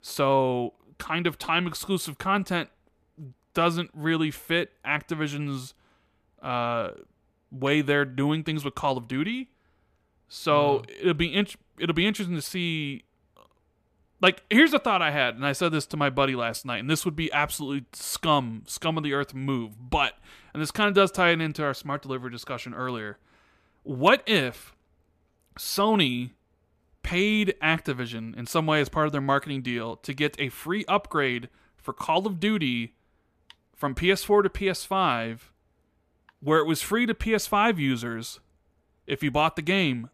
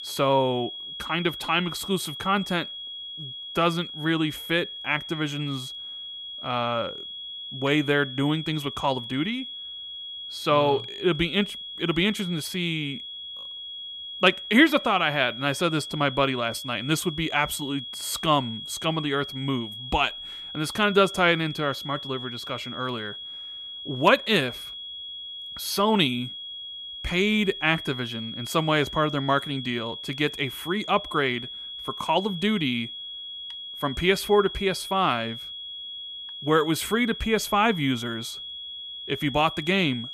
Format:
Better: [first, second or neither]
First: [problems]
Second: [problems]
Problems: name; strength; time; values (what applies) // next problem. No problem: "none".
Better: first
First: none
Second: high-pitched whine; loud; throughout; 3.5 kHz, 9 dB below the speech